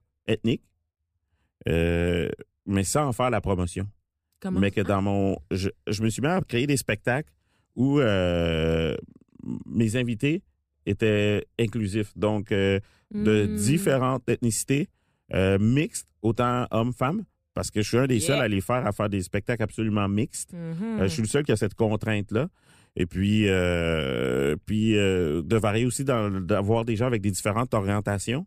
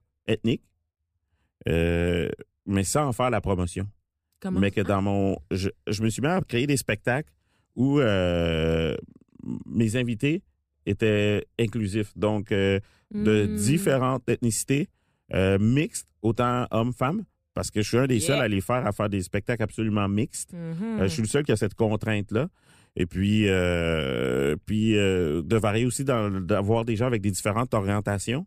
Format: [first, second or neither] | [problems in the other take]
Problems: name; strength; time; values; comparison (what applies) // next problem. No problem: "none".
neither | none